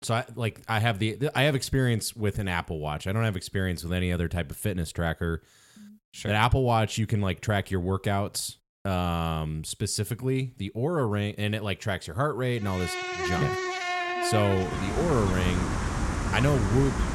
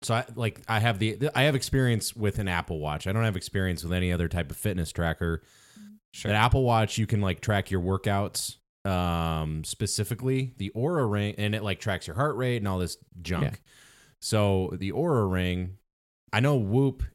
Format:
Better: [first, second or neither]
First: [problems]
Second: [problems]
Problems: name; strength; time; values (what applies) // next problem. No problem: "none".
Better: second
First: animal sounds; loud; from 13 s on; 2 dB below the speech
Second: none